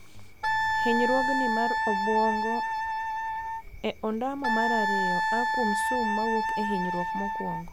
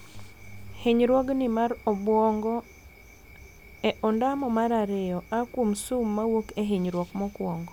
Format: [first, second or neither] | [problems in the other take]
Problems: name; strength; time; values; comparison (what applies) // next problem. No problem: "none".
second | background sound (Wind instrument, woodwind instrument); 3 dB above the speech